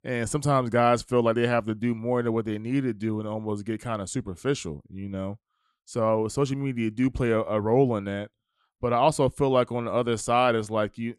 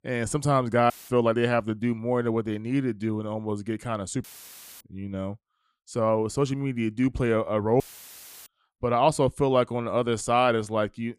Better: first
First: none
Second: audio cutting out; filled with static; at 1 s, at 4 s for 0.5 s and at 8 s for 0.5 s

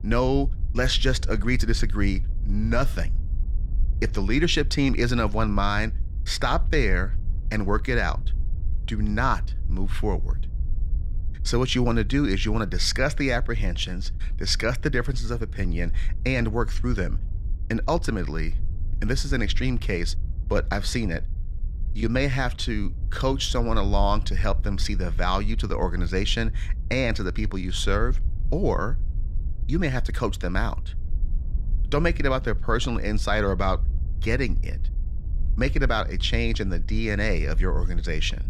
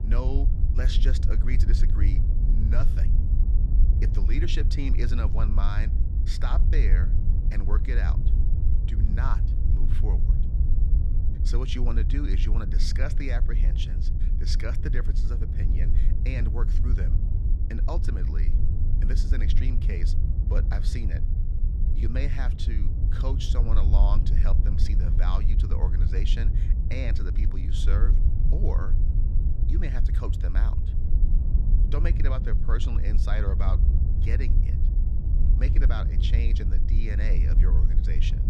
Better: first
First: low rumble; faint; throughout; 25 dB below the speech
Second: low rumble; loud; throughout; 5 dB below the speech

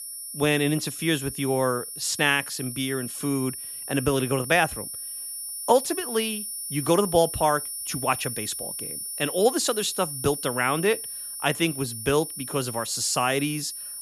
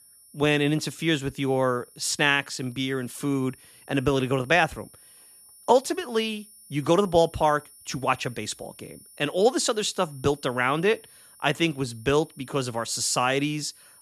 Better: second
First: high-pitched whine; loud; throughout; 9.5 kHz, 7 dB below the speech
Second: high-pitched whine; faint; throughout; 9.5 kHz, 25 dB below the speech

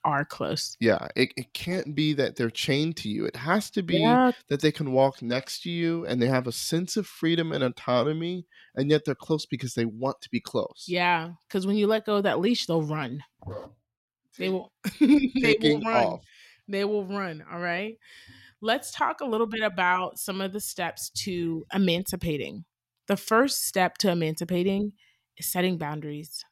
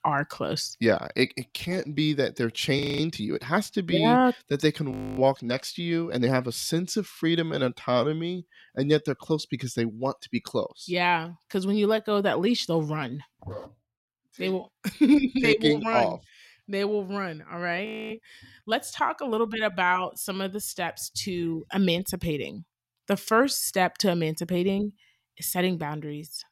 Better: first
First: none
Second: audio freezing; at 3 s, at 5 s and at 18 s

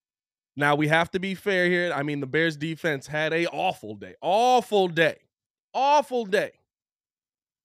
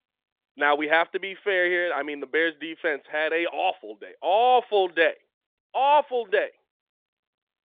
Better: first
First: none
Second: phone-call audio

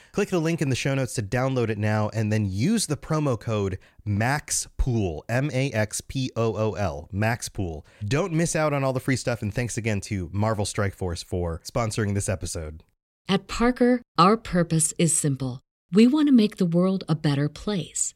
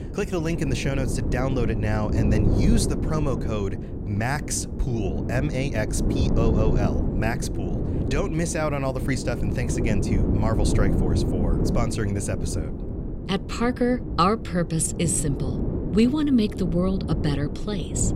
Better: first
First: none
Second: wind noise on the microphone; heavy; 6 dB below the speech

